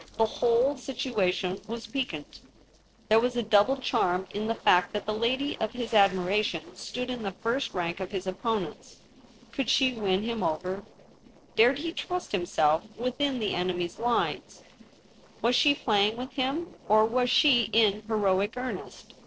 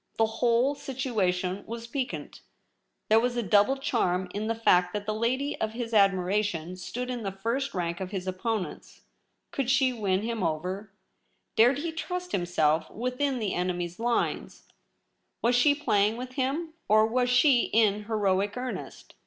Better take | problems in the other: second | noise reduction (neural separator model SepFormer DNS4)

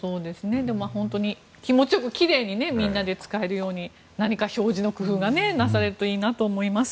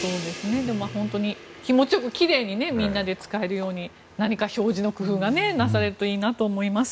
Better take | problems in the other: first | background sound (Crash cymbal); 19 dB below the speech

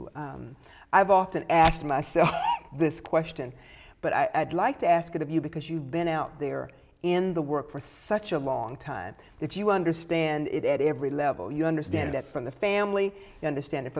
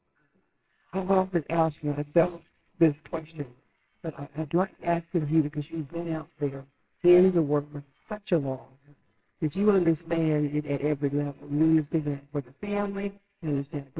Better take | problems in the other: first | noise reduction (neural separator model SepFormer WHAMR!)

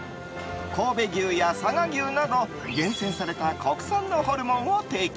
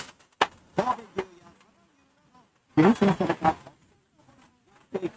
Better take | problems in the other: first | noise reduction (neural mask model RNNoise)

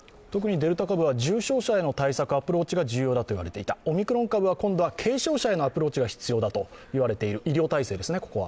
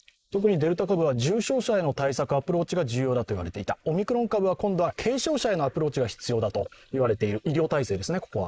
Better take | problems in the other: first | noise reduction (neural mask model Resemble Enhance denoiser)

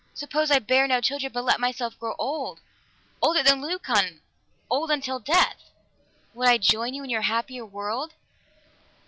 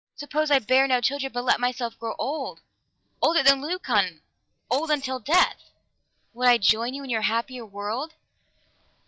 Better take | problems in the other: first | noise reduction (neural mask model DeepFilterNet 3)

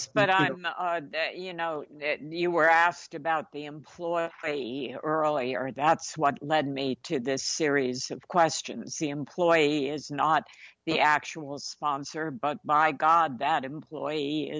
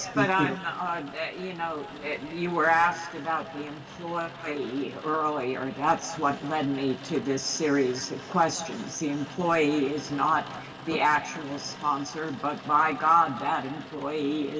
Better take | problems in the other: first | background sound (Rain); 16 dB below the speech // room echo; dies away in 2 s

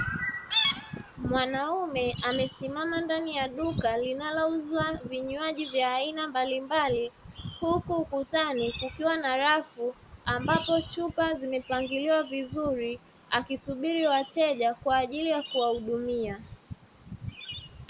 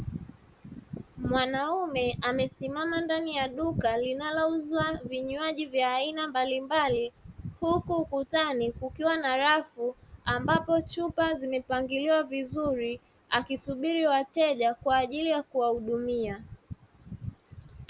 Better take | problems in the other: second | background sound (Chirp, tweet); 11 dB below the speech

